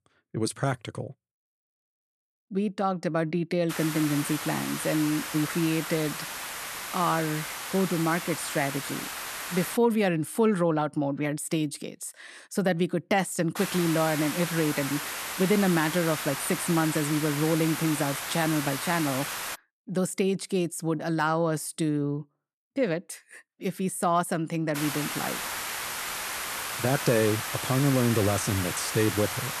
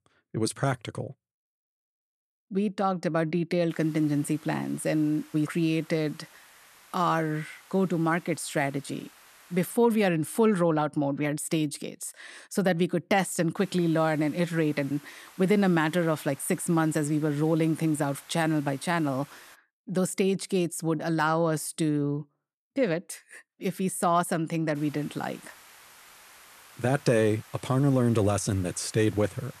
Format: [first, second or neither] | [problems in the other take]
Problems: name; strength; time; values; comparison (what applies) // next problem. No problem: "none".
second | hiss; loud; from 3.5 to 10 s, from 14 to 20 s and from 25 s on; 5 dB below the speech; faint in the second